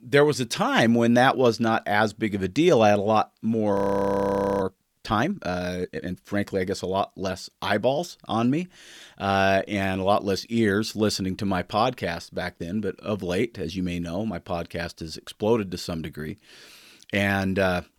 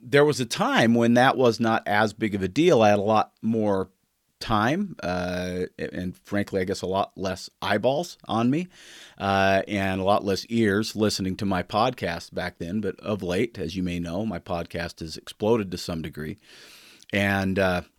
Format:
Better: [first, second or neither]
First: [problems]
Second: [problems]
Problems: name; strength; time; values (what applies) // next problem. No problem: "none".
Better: second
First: audio freezing; at 3.5 s for 1 s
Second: none